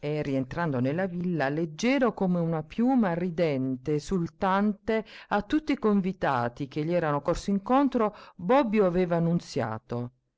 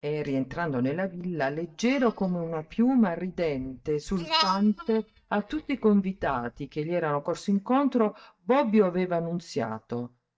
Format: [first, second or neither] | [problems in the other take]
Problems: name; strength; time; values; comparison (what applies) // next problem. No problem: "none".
first | noise reduction (neural mask model DeepFilterNet 3)